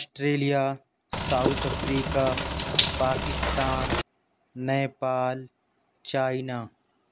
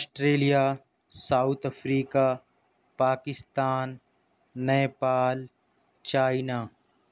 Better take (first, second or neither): second